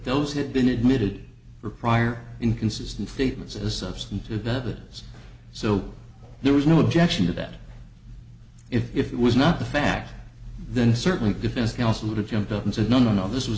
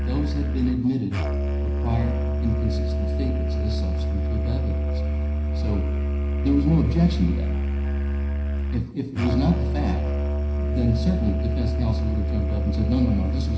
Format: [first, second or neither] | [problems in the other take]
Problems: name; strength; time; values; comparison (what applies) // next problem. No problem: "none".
first | background sound (Musical instrument); 3 dB above the speech // room echo; dies away in 0.9 s